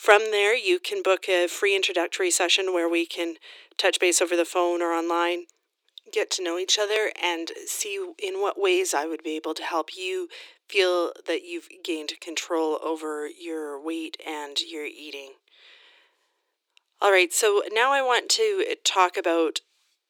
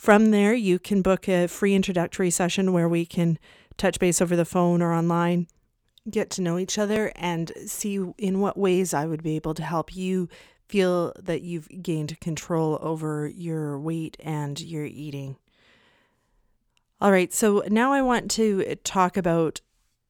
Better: second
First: thin; very; fading below 300 Hz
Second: none

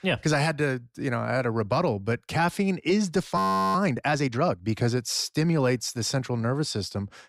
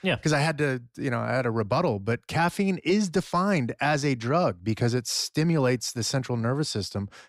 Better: second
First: audio freezing; at 3.5 s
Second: none

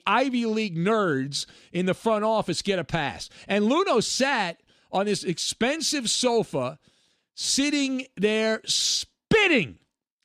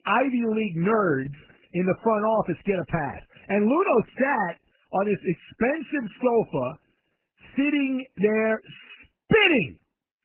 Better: first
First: none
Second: garbled, watery; badly; nothing above 3 kHz

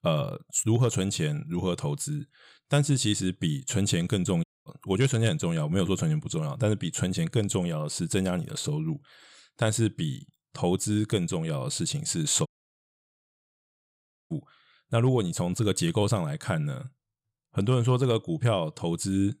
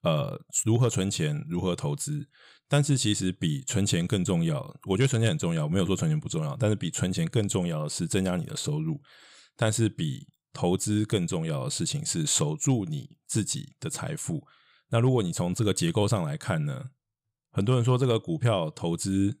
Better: second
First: audio cutting out; at 4.5 s and at 12 s for 2 s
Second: none

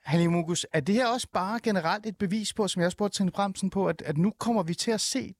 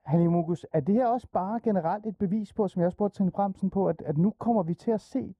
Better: first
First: none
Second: muffled; very; fading above 1.5 kHz

